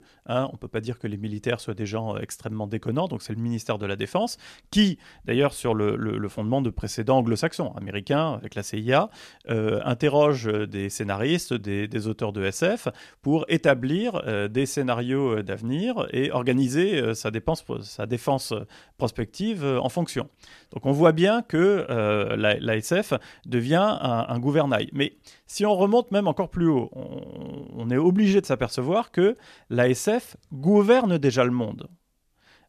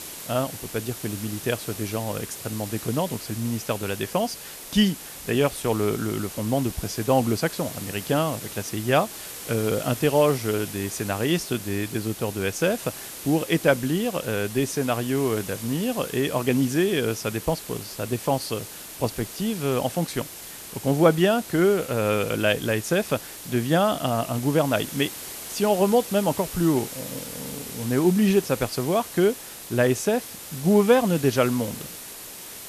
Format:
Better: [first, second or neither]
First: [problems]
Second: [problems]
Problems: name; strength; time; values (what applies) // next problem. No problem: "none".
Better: first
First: none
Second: hiss; noticeable; throughout; 10 dB below the speech